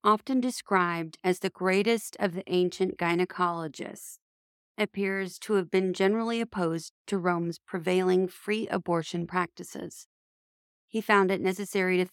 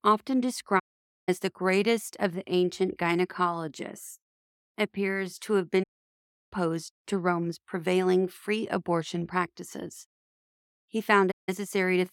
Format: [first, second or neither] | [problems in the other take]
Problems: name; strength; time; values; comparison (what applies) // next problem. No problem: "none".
first | audio cutting out; at 1 s, at 6 s for 0.5 s and at 11 s